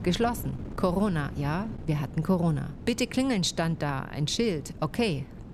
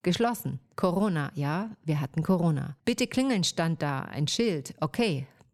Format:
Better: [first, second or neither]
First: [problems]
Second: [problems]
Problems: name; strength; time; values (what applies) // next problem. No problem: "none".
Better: second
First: wind noise on the microphone; occasional gusts; 20 dB below the speech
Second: none